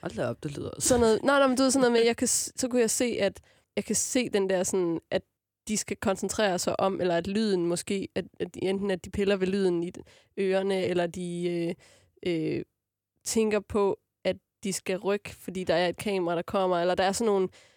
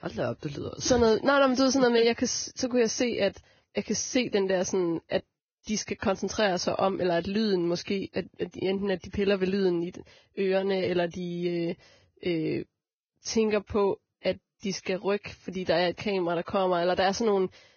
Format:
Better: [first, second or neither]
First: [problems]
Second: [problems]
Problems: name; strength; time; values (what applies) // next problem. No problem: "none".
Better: first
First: none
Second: garbled, watery; badly; nothing above 6.5 kHz